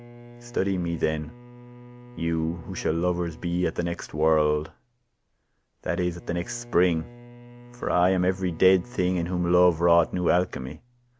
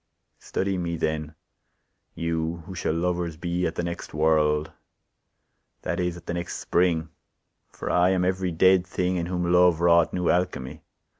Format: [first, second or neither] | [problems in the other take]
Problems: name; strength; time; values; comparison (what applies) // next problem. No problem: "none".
second | background sound (Bowed string instrument); 19 dB below the speech